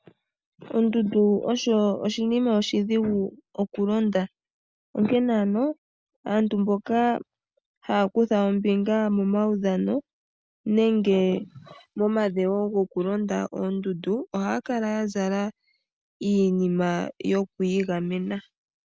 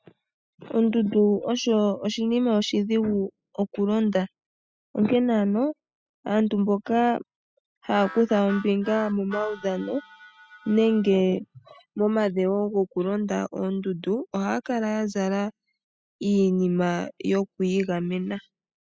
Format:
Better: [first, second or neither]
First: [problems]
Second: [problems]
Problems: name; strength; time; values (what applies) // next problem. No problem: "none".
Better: first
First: none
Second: noise reduction (classical method spectral subtraction)